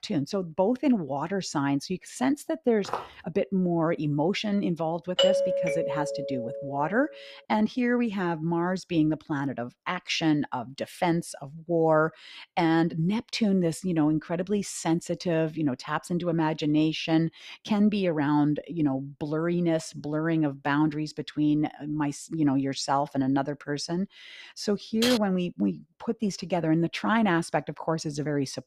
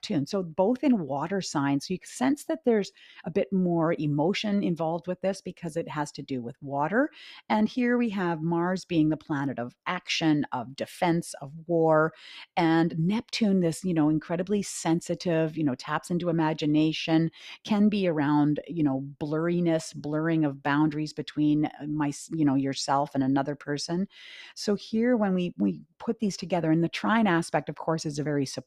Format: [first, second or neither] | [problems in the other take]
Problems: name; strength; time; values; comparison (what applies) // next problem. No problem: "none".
second | footsteps; noticeable; at 3 s; peak 8 dB below the speech // doorbell; loud; from 5 to 7 s; peak 4 dB above the speech // keyboard typing; noticeable; at 25 s; peak 2 dB below the speech